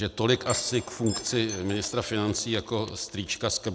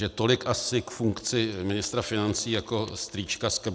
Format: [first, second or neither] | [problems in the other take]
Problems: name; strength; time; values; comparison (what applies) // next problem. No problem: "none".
second | background sound (Door / Chime); 11 dB below the speech